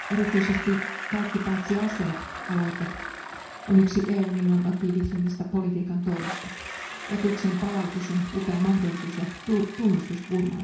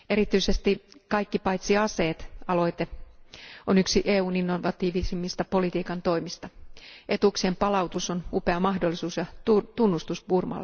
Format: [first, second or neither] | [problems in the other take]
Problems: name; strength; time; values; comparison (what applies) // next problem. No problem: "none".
second | background sound (Bicycle); 11 dB below the speech // room echo; dies away in 0.6 s